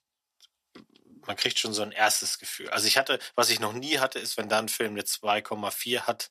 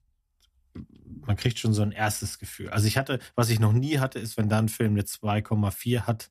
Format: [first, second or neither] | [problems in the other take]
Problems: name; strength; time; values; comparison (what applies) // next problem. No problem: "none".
second | thin; very; fading below 550 Hz